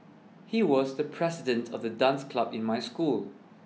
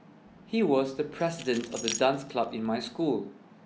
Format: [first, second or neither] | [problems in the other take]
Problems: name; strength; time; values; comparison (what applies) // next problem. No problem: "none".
first | background sound (Keys jangling); 13 dB below the speech